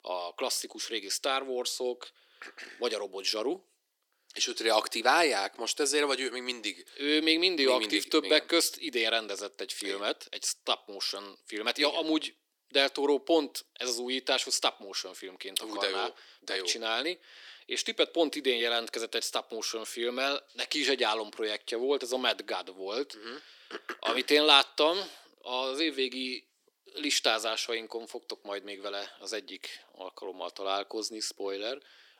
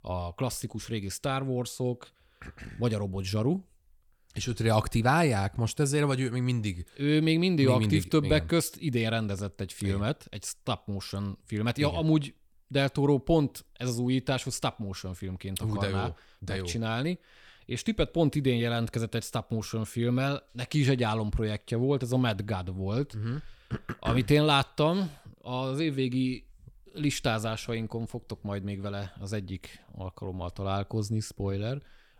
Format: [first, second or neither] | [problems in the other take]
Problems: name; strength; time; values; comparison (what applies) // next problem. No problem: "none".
second | thin; very; fading below 300 Hz